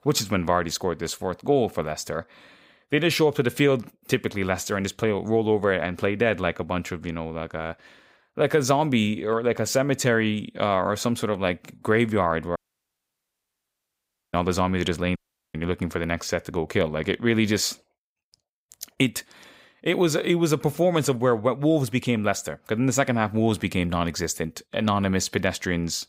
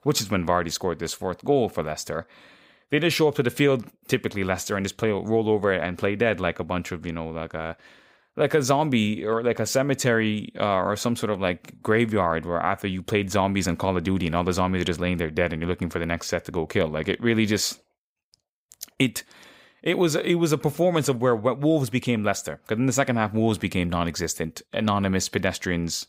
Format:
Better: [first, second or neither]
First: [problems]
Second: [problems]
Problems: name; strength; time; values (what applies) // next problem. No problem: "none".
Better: second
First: audio cutting out; at 13 s for 2 s and at 15 s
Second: none